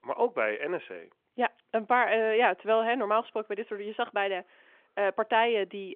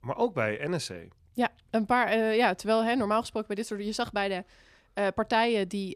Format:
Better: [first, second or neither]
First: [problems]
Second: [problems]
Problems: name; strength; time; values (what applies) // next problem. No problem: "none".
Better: second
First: phone-call audio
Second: none